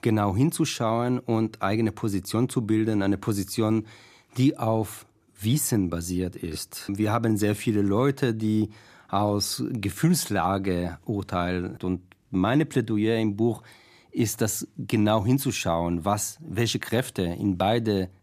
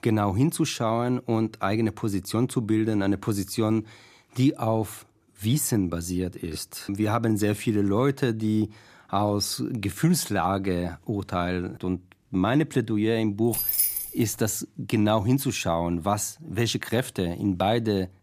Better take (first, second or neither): first